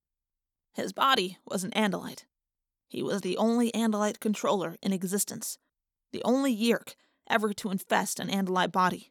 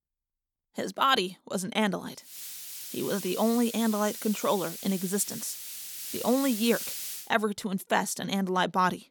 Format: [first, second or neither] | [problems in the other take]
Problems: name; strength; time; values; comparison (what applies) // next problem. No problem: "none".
first | hiss; loud; from 2.5 to 7 s; 8 dB below the speech